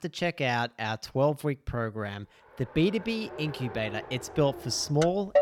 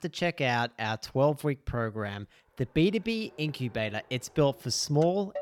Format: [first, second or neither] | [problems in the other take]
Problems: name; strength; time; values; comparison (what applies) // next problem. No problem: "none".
second | traffic noise; loud; from 3 s on; 9 dB below the speech; faint in the second